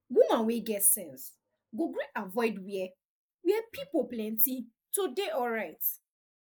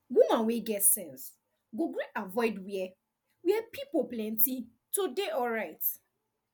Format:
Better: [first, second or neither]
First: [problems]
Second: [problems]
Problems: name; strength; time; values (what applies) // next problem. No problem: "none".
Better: second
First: noise reduction (neural mask model Resemble Enhance denoiser)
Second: none